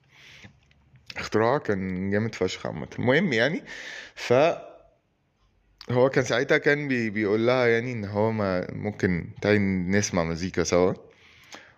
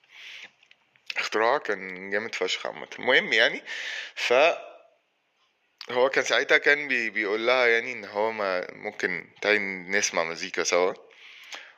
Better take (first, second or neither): first